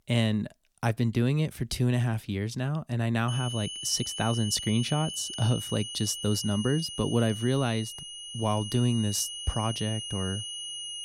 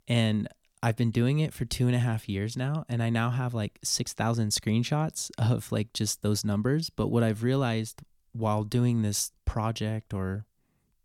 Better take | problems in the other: second | high-pitched whine; loud; from 3.5 s on; 3 kHz, 7 dB below the speech

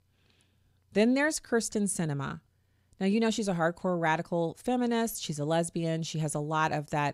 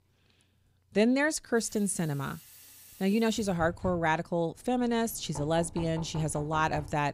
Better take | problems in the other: first | household noises; noticeable; throughout; 15 dB below the speech

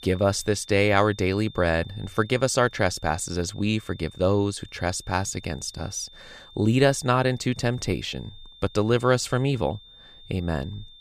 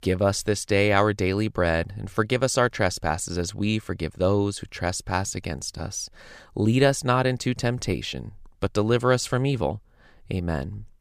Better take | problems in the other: second | high-pitched whine; faint; throughout; 3.5 kHz, 20 dB below the speech

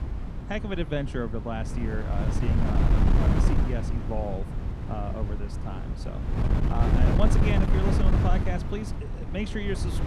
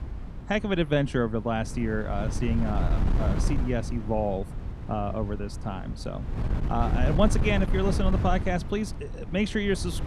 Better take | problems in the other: second | wind noise on the microphone; heavy; 1 dB below the speech; occasional gusts in the second

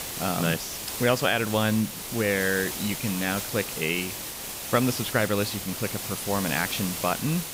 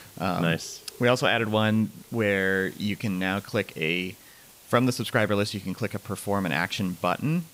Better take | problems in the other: second | hiss; loud; throughout; 5 dB below the speech; faint in the second

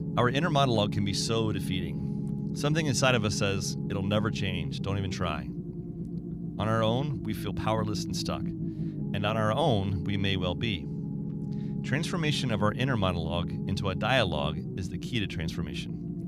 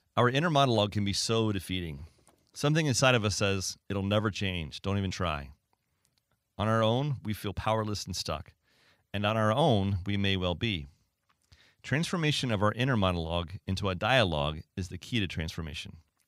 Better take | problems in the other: second | low rumble; noticeable; throughout; 10 dB below the speech

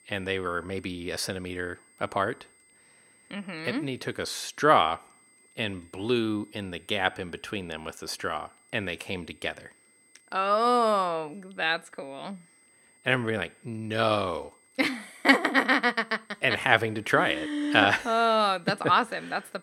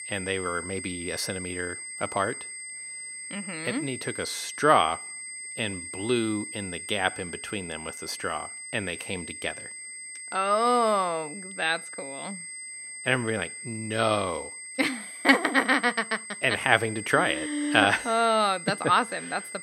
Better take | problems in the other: first | high-pitched whine; loud; throughout; 2 kHz, 10 dB below the speech; faint in the first

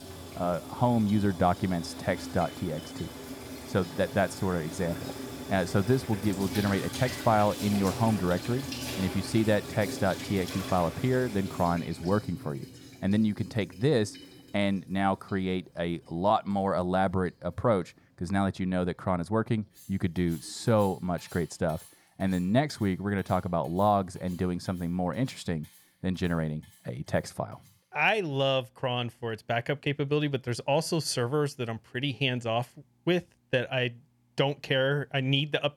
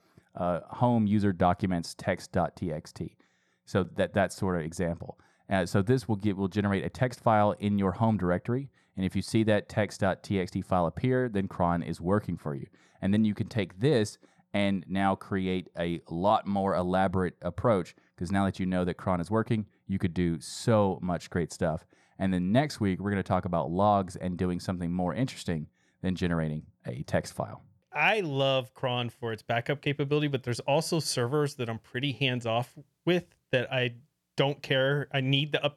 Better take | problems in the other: second | household noises; noticeable; throughout; 10 dB below the speech

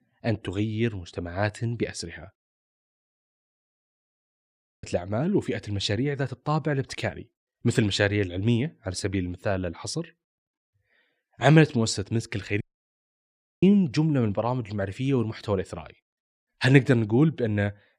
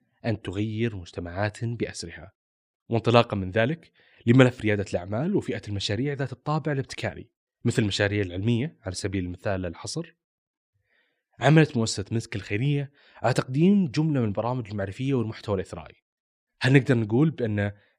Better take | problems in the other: second | audio cutting out; at 2.5 s for 2.5 s and at 13 s for 1 s

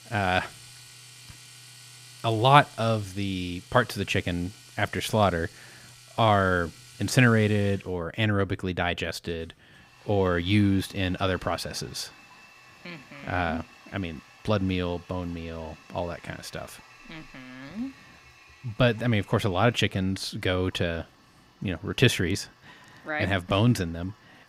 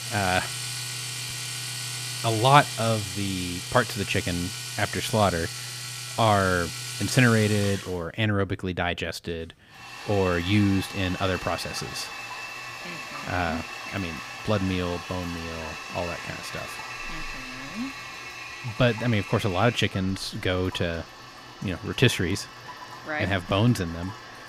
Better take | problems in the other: first | household noises; loud; throughout; 8 dB below the speech; faint in the first

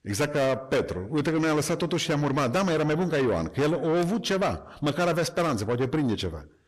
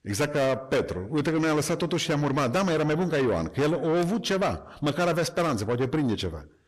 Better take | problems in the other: neither | distortion; heavy; 7 dB below the speech; the same in both

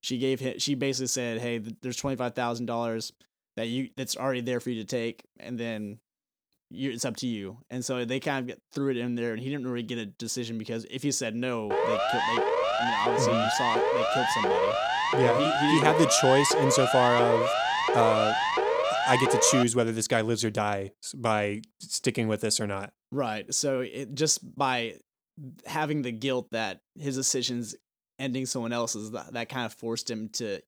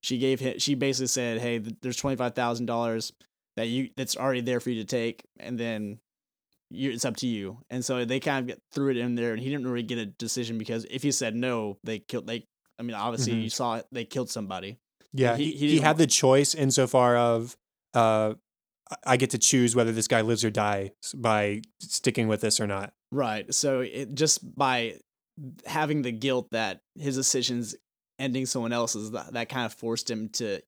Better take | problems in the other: second | siren; loud; from 12 to 20 s; peak 4 dB above the speech

